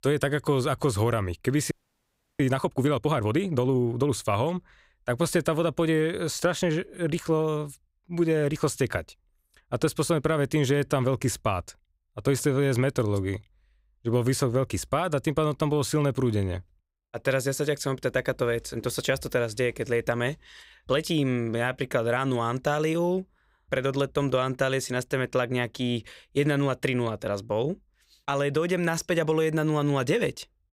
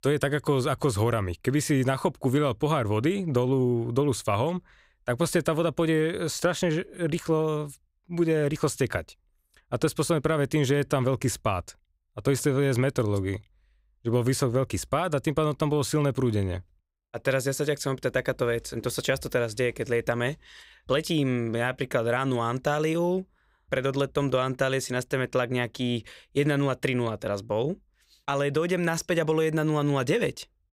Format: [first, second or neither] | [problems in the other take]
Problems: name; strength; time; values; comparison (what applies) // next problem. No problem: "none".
second | audio freezing; at 1.5 s for 0.5 s